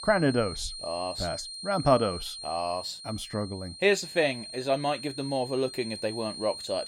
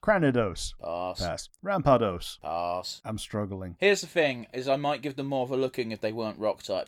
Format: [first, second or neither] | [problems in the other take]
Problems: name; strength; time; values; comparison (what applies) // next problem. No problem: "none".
second | high-pitched whine; loud; throughout; 4 kHz, 9 dB below the speech